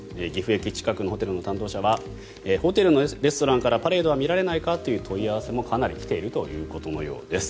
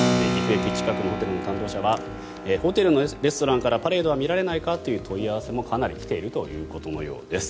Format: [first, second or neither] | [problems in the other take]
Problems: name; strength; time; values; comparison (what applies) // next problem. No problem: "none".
first | background sound (Keyboard (musical)); 6 dB below the speech